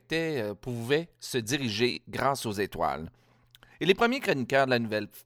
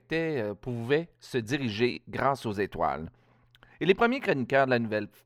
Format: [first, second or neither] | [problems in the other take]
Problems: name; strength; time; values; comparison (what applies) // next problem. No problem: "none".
first | muffled; slightly; fading above 4 kHz